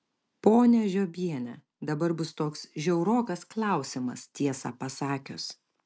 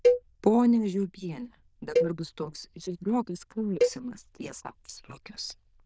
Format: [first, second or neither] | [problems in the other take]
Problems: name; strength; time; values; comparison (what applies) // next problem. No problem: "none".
first | noise reduction (neural diffusion model UNIVERSE++)